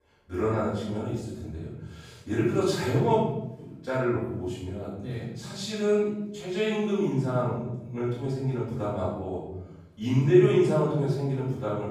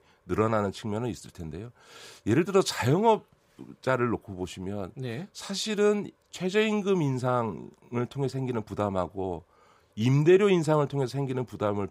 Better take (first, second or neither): second